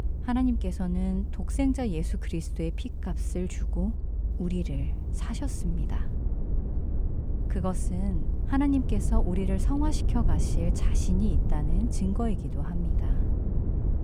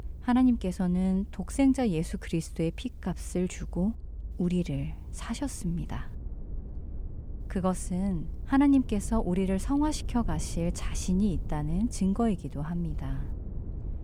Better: second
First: low rumble; loud; throughout; 9 dB below the speech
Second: low rumble; faint; throughout; 20 dB below the speech

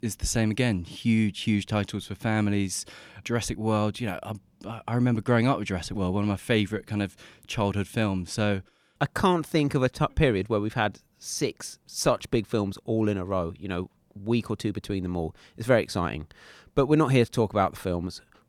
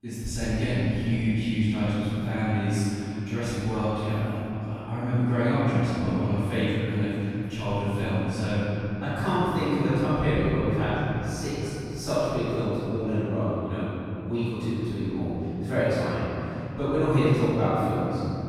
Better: first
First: none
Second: off-mic speech; far // room echo; strong; dies away in 3 s

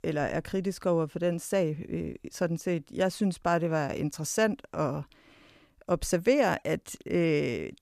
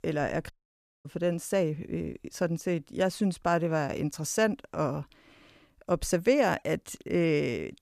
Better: first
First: none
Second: audio cutting out; at 0.5 s for 0.5 s

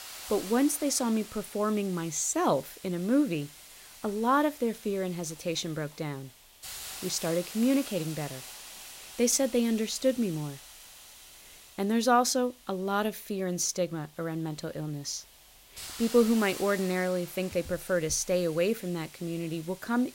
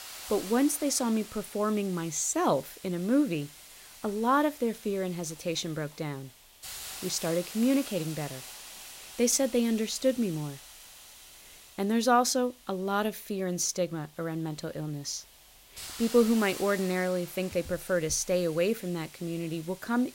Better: neither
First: hiss; noticeable; throughout; 15 dB below the speech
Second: hiss; noticeable; throughout; 15 dB below the speech

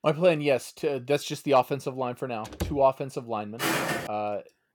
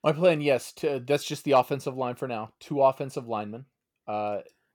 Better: second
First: door banging; noticeable; at 2.5 s; peak 8 dB below the speech // footsteps; loud; at 3.5 s; peak 1 dB above the speech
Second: none

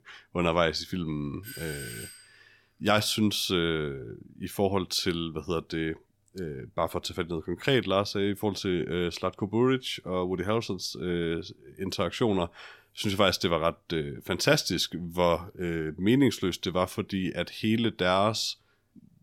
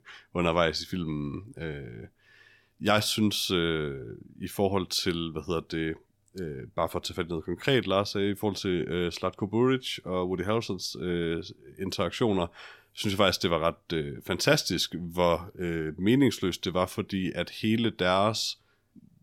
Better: second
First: doorbell; faint; at 1.5 s; peak 10 dB below the speech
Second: none

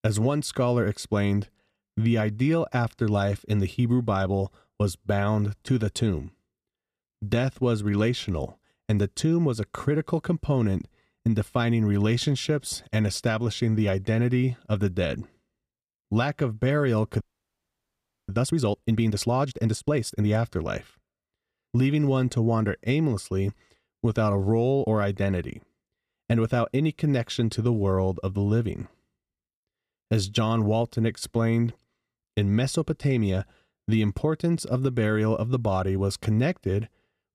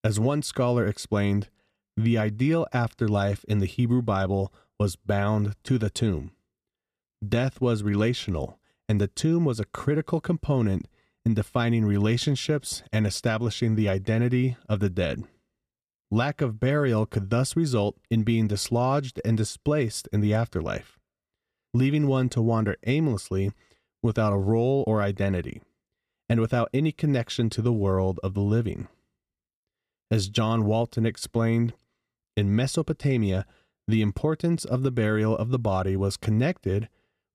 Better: second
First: audio freezing; at 17 s for 1 s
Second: none

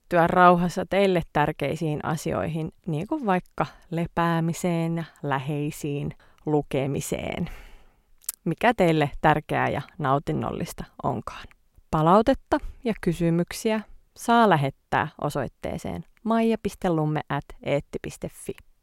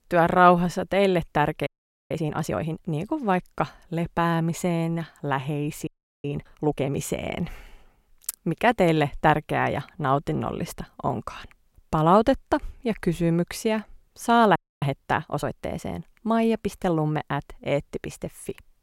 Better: first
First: none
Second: audio freezing; at 1.5 s, at 6 s and at 15 s

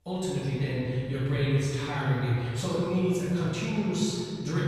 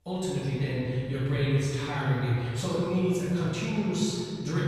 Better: neither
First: off-mic speech; far // room echo; strong; dies away in 2.3 s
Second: off-mic speech; far // room echo; strong; dies away in 2.3 s

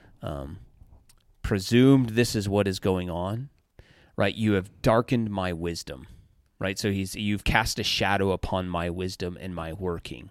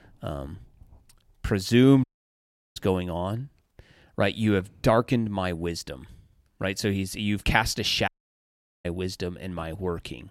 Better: first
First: none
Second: audio cutting out; at 2 s for 0.5 s and at 8 s for 1 s

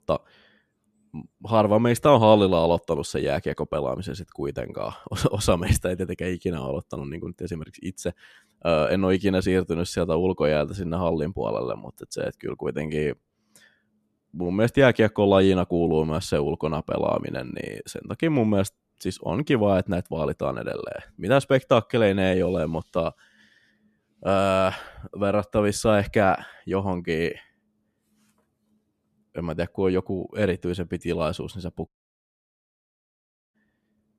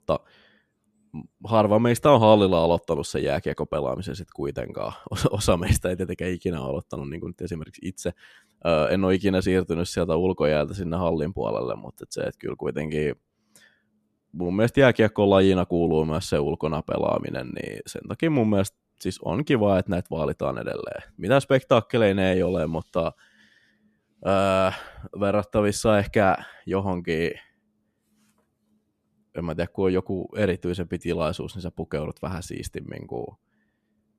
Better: second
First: audio cutting out; at 32 s for 1.5 s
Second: none

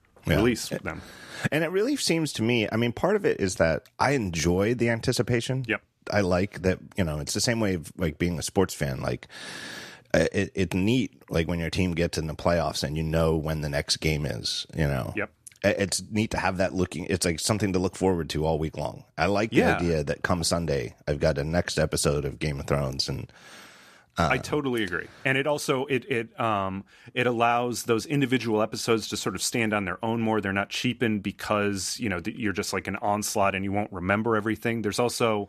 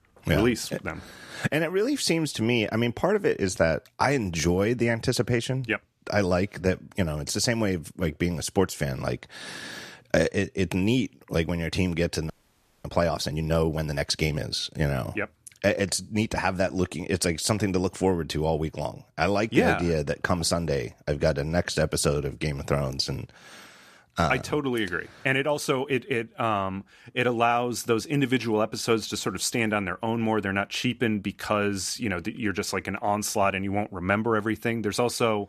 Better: first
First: none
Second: audio freezing; at 12 s for 0.5 s

